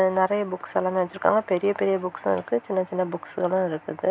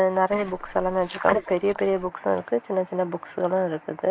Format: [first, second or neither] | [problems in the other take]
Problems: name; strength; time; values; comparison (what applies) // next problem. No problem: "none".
first | noise reduction (neural mask model Resemble Enhance denoiser)